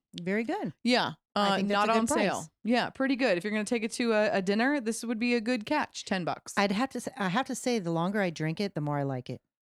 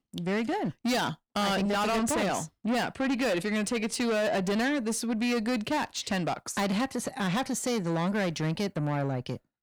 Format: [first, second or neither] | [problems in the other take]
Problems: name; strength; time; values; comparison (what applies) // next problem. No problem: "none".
first | distortion; heavy; 8 dB below the speech